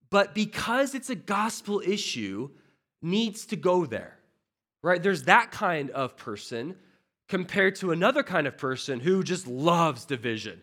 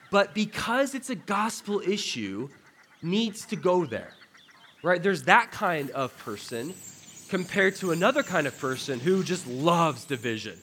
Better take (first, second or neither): first